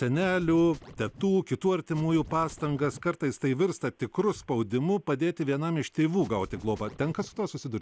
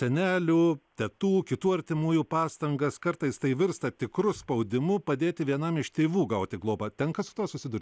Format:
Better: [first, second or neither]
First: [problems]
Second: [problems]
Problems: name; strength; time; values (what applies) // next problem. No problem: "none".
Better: second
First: background sound (Scratching (performance technique)); 18 dB below the speech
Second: none